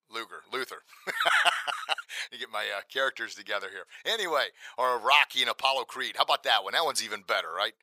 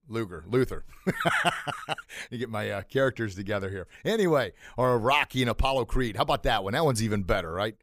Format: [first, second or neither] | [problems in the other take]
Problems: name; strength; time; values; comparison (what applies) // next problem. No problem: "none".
second | thin; very; fading below 900 Hz